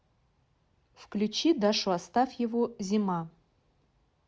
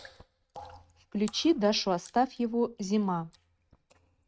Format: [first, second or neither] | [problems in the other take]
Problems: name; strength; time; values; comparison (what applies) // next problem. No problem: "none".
first | noise reduction (neural mask model RNNoise)